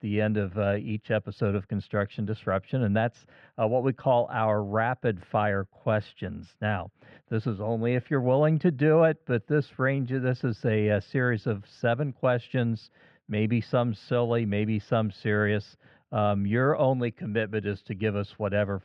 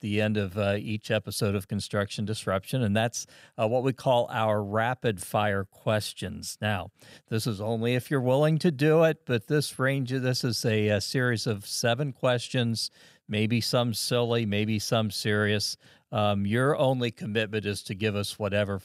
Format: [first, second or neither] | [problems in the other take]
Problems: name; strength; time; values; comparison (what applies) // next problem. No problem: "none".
second | muffled; very; fading above 2 kHz